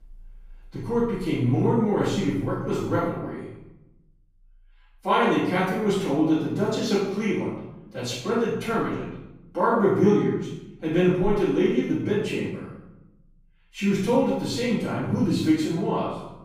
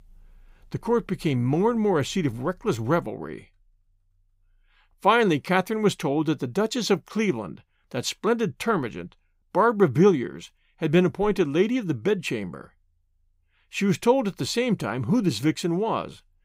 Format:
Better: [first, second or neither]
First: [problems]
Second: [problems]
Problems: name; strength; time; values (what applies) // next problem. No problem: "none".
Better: second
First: off-mic speech; far // room echo; strong; dies away in 0.8 s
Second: none